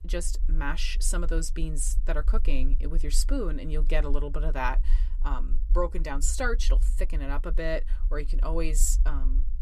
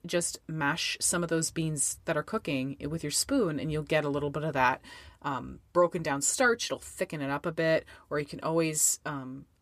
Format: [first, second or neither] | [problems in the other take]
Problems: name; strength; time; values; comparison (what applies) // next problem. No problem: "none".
second | low rumble; faint; throughout; 20 dB below the speech